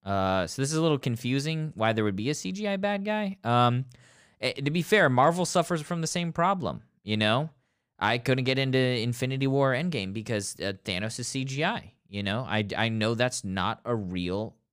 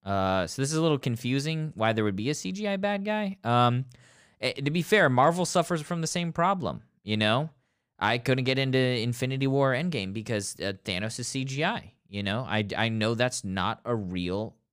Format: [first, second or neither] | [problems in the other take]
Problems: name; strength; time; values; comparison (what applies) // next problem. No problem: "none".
neither | none